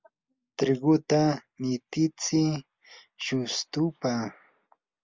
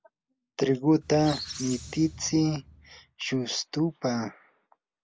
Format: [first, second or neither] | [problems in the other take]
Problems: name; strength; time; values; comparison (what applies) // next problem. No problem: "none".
first | background sound (Squeak); 15 dB below the speech